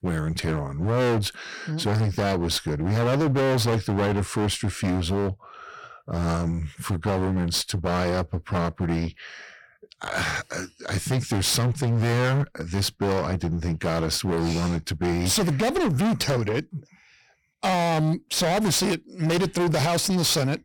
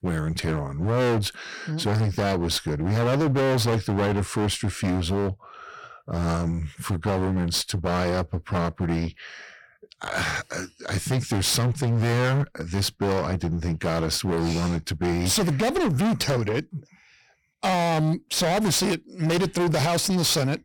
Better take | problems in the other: neither | distortion; heavy; 28% of the sound clipped; the same in both

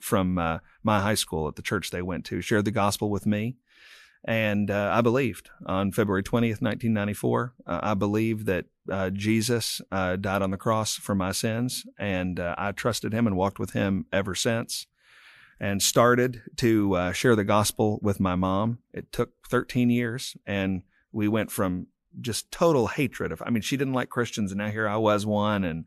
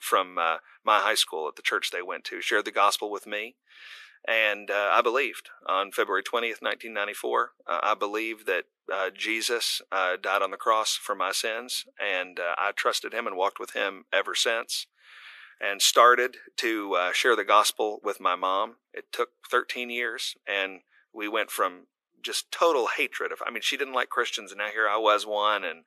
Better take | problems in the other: first | thin; very; fading below 350 Hz

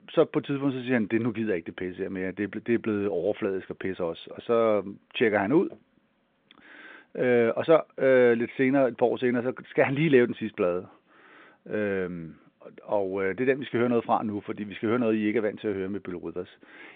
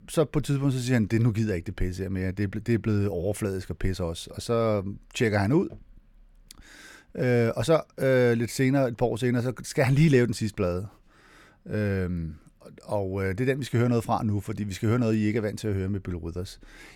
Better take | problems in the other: second | phone-call audio; nothing above 3.5 kHz

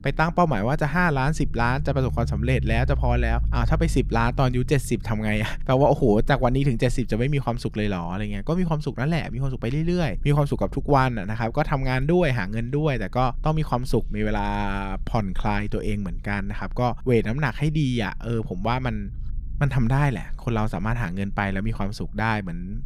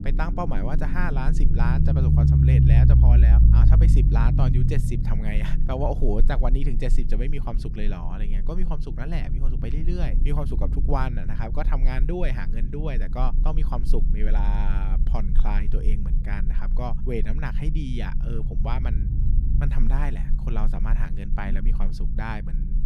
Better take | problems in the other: first | low rumble; loud; throughout; 4 dB below the speech; faint in the first

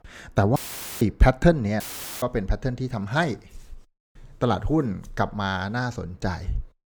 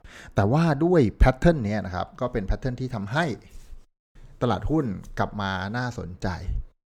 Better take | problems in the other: second | audio cutting out; filled with static; at 0.5 s and at 2 s

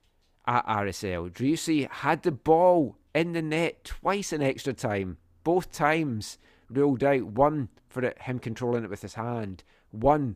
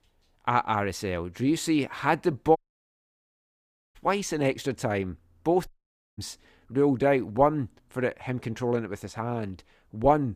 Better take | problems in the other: first | audio cutting out; at 2.5 s for 1.5 s and at 5.5 s

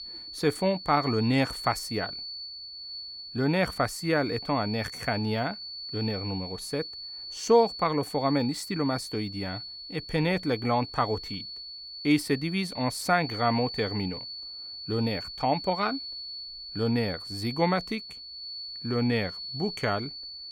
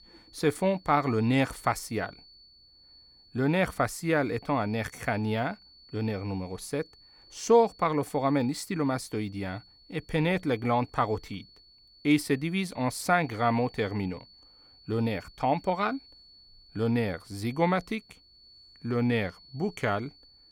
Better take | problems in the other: second | high-pitched whine; loud; throughout; 4.5 kHz, 9 dB below the speech; faint in the second

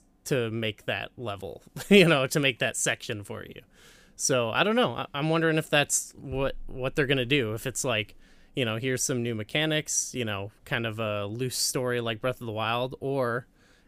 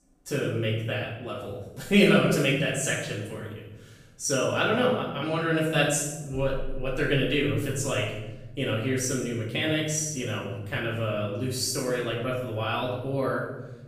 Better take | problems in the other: first | room echo; noticeable; dies away in 1 s // off-mic speech; far

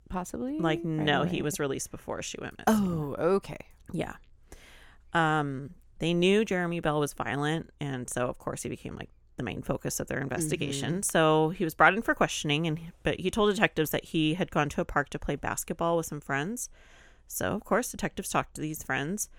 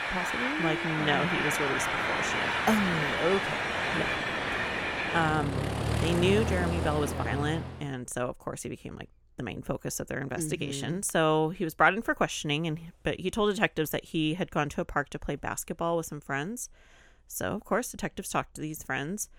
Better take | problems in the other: first | train or aircraft noise; very loud; until 7.5 s; 1 dB above the speech

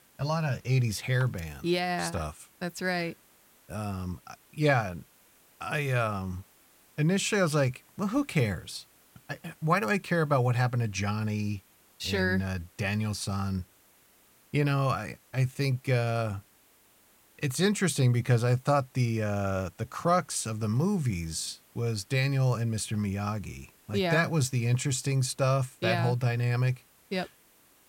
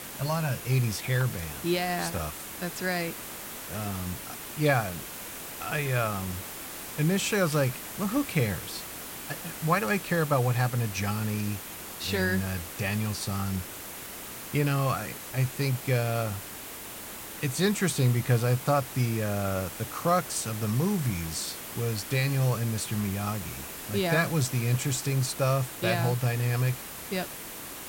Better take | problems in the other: first | hiss; loud; throughout; 9 dB below the speech; faint in the first

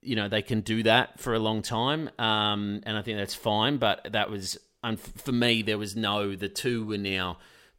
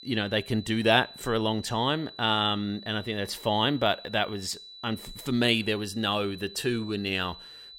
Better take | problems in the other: first | high-pitched whine; noticeable; throughout; 4 kHz, 15 dB below the speech

